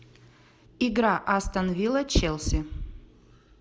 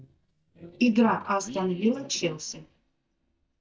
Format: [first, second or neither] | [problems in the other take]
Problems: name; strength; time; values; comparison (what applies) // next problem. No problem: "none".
first | noise reduction (neural mask model DeepFilterNet 3)